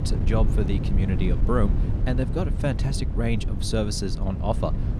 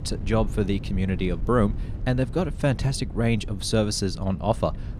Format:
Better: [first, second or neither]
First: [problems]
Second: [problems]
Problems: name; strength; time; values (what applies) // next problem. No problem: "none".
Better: second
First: wind noise on the microphone; heavy; 8 dB below the speech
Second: wind noise on the microphone; occasional gusts; 20 dB below the speech